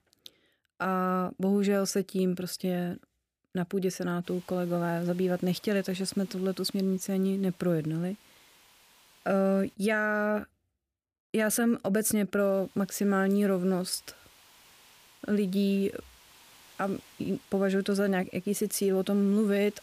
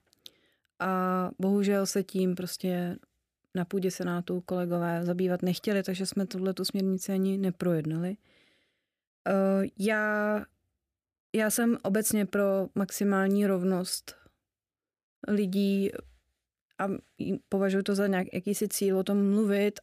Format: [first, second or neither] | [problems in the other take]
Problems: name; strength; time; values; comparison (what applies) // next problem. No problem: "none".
second | hiss; faint; from 4 to 9.5 s and from 12 s on; 25 dB below the speech